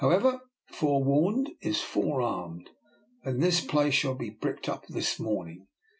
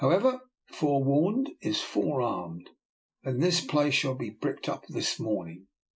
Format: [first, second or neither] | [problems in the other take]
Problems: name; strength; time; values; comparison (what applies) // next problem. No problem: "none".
first | noise reduction (neural mask model Resemble Enhance denoiser)